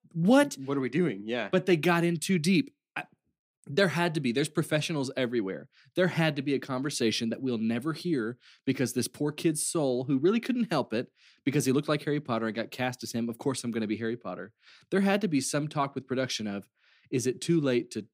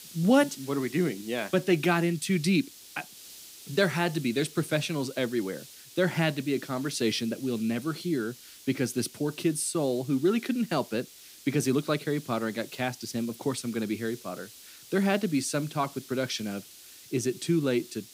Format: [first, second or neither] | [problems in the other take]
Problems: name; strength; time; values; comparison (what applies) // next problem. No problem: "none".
first | hiss; noticeable; throughout; 20 dB below the speech